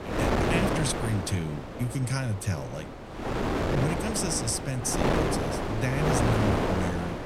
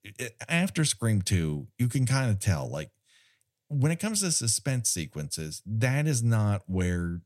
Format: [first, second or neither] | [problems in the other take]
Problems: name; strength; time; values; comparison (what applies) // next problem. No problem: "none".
second | wind noise on the microphone; heavy; 5 dB above the speech